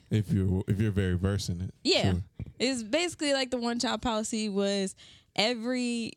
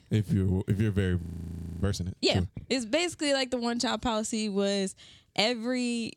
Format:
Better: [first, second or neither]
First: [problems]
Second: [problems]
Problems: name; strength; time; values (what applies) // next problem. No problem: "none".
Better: first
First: none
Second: audio freezing; at 1 s for 0.5 s